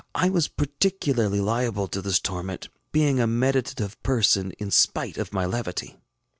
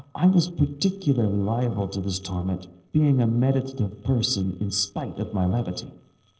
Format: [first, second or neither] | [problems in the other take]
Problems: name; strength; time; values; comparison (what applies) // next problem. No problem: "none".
first | noise reduction (neural separator model SepFormer DNS4)